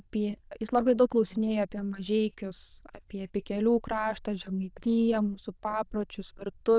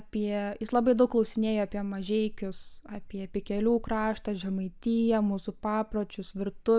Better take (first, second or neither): second